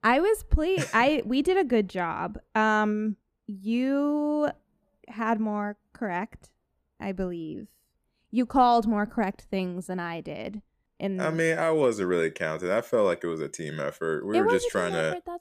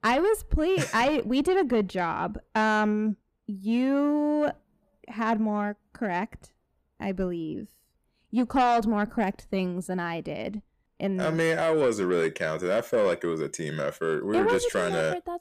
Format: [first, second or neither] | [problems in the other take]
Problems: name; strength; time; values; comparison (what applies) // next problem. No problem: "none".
first | distortion; slight; 10 dB below the speech